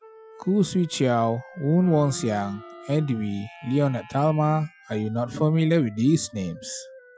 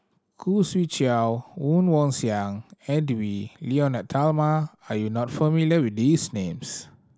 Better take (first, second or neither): second